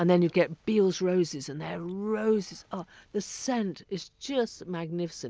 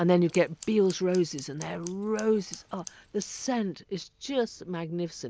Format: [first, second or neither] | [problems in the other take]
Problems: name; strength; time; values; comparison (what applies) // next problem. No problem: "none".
first | background sound (Scissors); 19 dB below the speech